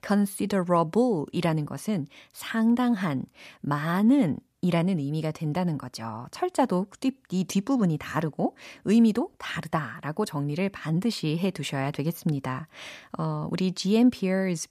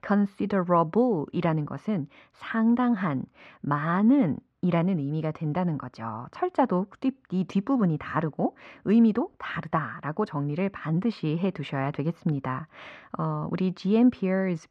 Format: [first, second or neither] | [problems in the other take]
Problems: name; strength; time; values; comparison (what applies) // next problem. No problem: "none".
first | muffled; very; fading above 2 kHz